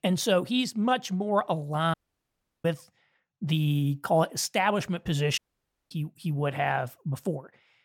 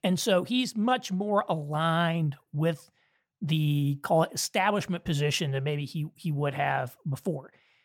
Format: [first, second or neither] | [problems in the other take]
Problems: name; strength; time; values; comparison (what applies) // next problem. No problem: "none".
second | audio cutting out; at 2 s for 0.5 s and at 5.5 s for 0.5 s